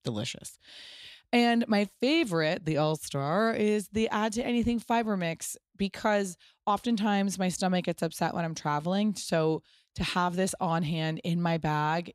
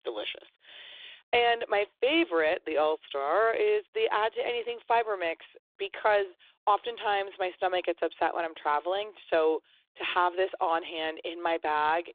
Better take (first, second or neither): first